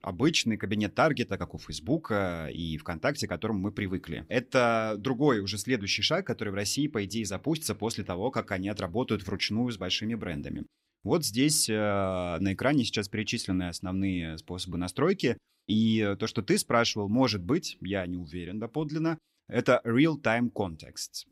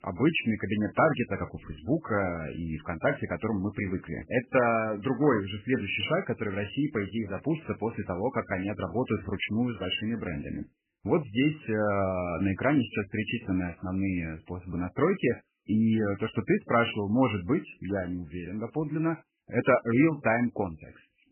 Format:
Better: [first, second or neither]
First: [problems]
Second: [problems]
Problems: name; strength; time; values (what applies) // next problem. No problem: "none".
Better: first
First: none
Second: garbled, watery; badly; nothing above 3 kHz